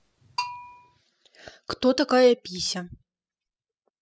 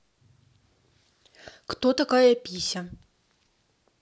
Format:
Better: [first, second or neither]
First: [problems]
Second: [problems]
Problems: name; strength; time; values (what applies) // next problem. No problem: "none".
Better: second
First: noise reduction (classical method spectral subtraction)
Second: none